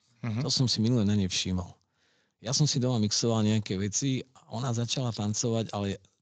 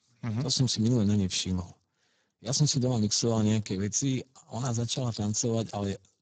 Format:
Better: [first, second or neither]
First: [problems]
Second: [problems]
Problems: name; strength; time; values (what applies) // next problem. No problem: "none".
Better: first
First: garbled, watery; slightly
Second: garbled, watery; badly; nothing above 7.5 kHz